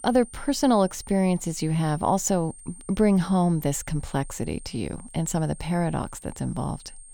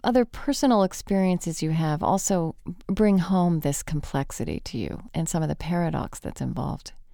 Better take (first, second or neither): second